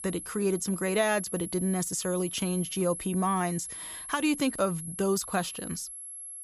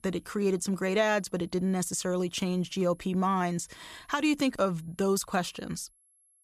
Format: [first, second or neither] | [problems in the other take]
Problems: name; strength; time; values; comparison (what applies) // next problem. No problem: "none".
second | high-pitched whine; loud; throughout; 11 kHz, 8 dB below the speech; faint in the second